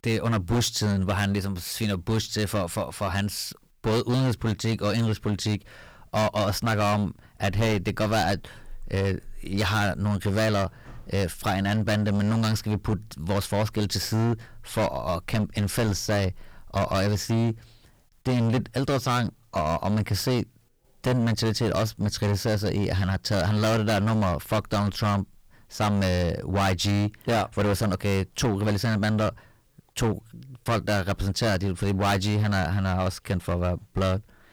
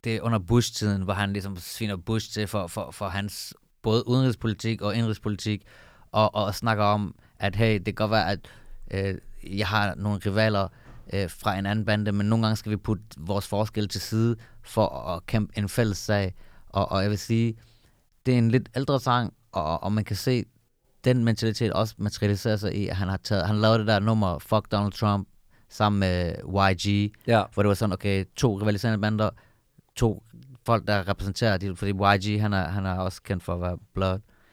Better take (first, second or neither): second